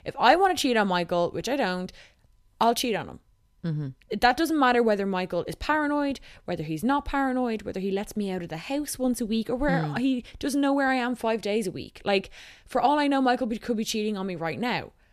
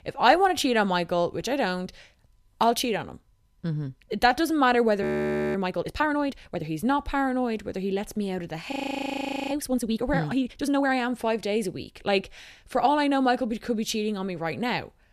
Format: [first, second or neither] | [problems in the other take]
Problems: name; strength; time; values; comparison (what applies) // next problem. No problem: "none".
first | audio freezing; at 5 s for 0.5 s and at 8.5 s for 1 s